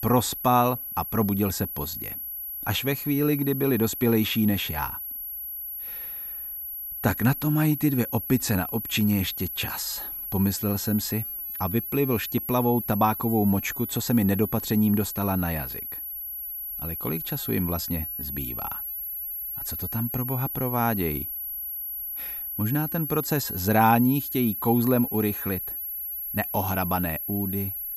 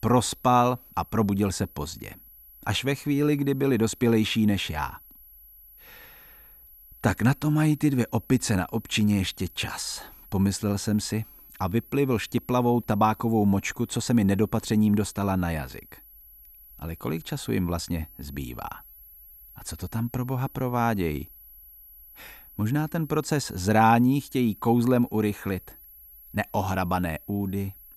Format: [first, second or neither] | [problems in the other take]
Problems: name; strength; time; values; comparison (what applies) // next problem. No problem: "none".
second | high-pitched whine; loud; throughout; 11.5 kHz, 5 dB below the speech; faint in the second